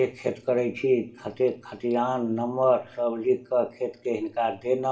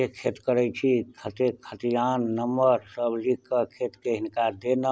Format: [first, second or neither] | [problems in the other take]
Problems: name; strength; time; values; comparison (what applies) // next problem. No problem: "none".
second | room echo; dies away in 0.8 s